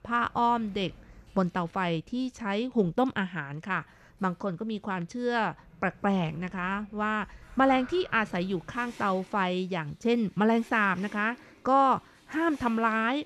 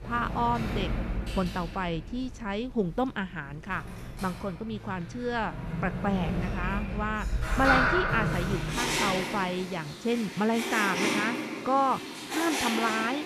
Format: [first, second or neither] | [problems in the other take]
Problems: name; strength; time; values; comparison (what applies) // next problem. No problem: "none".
first | household noises; loud; throughout; as loud as the speech; faint in the first